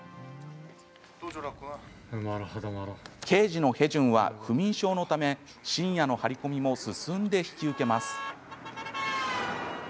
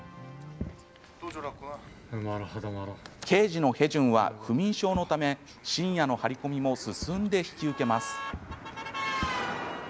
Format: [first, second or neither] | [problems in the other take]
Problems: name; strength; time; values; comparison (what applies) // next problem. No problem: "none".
first | background sound (Fireworks); 17 dB below the speech